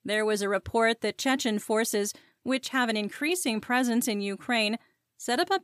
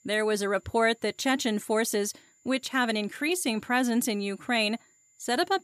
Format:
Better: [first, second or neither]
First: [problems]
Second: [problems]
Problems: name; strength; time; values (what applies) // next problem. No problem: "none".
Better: first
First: none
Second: high-pitched whine; faint; throughout; 7 kHz, 35 dB below the speech